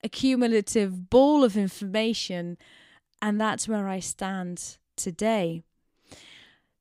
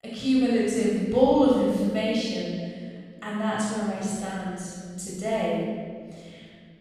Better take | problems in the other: first | off-mic speech; far // room echo; strong; dies away in 2 s

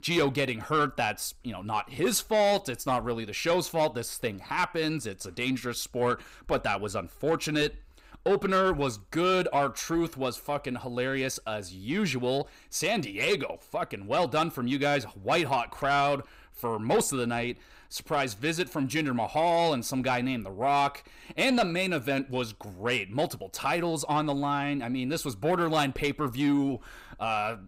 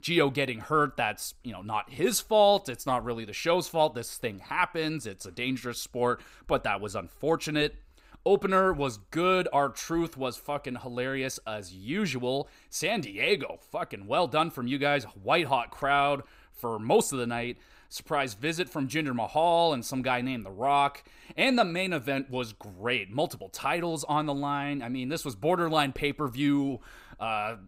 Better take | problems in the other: second | distortion; slight; 10 dB below the speech

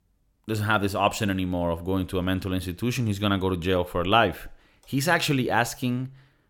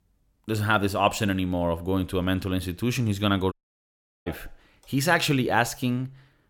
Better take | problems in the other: first | audio cutting out; at 3.5 s for 0.5 s

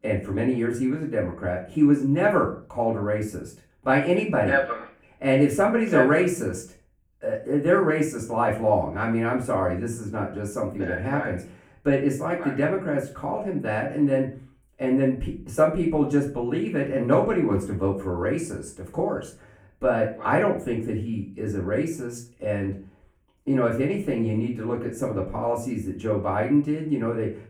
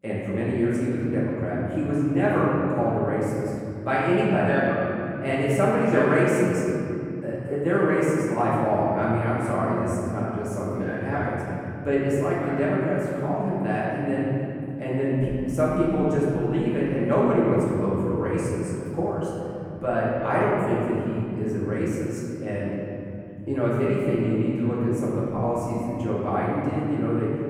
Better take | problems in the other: first | room echo; strong; dies away in 3 s; slight in the first // off-mic speech; far; far in the first

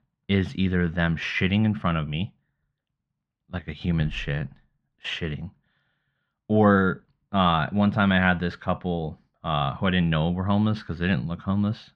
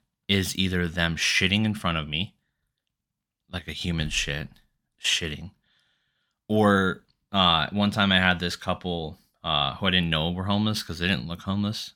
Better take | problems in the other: second | muffled; very; fading above 2 kHz

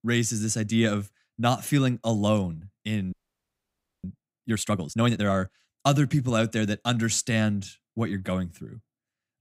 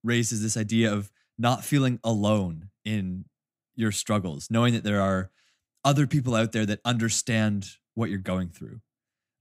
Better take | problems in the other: second | audio freezing; at 3 s for 1 s

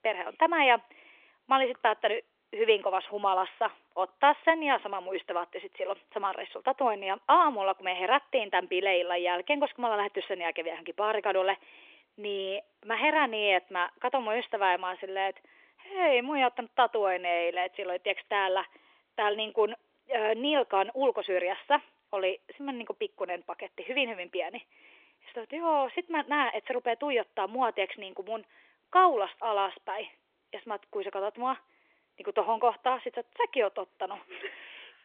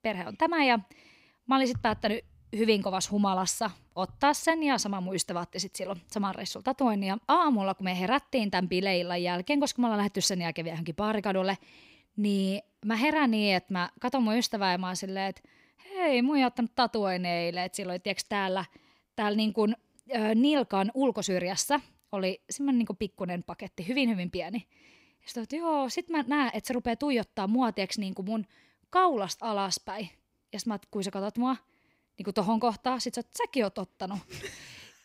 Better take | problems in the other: second | phone-call audio; nothing above 3.5 kHz

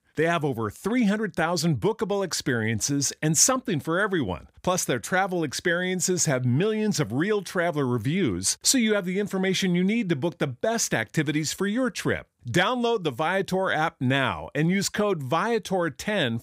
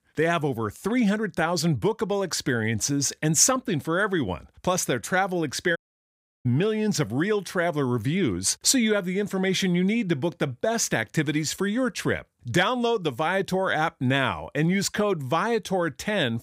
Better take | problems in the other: first | audio cutting out; at 6 s for 0.5 s

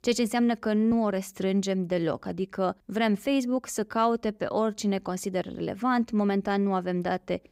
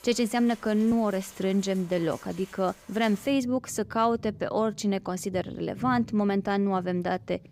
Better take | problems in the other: first | rain or running water; noticeable; throughout; 20 dB below the speech

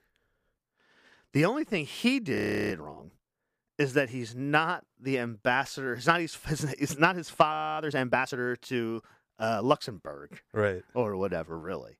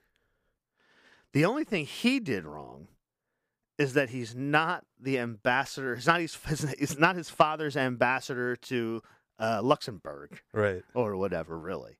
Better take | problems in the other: second | audio freezing; at 2.5 s and at 7.5 s

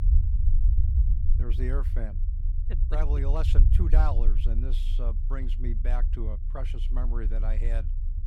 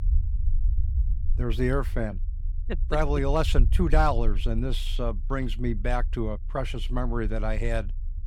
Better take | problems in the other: second | low rumble; loud; throughout; 8 dB below the speech; faint in the second

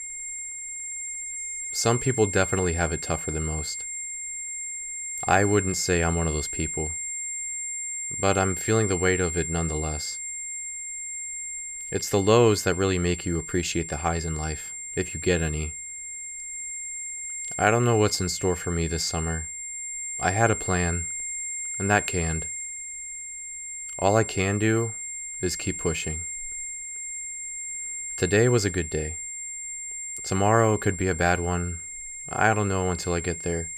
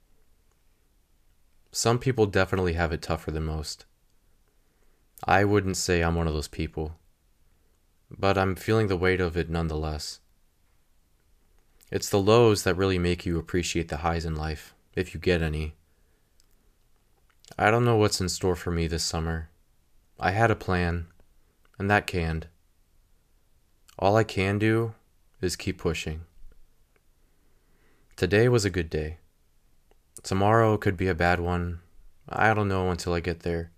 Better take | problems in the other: second | high-pitched whine; loud; throughout; 7.5 kHz, 6 dB below the speech

